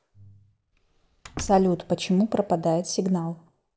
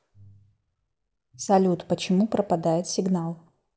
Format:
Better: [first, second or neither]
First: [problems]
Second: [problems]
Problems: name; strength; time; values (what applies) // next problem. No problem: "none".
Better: second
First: background sound (Slam); 16 dB below the speech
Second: none